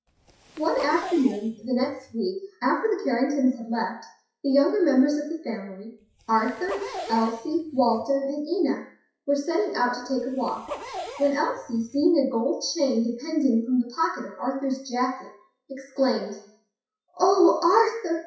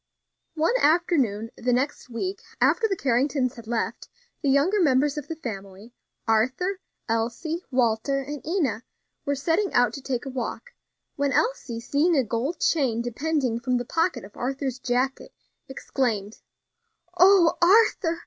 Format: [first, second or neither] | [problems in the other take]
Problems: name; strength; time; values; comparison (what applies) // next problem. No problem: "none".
second | noise reduction (classical method WPE with log-MMSE)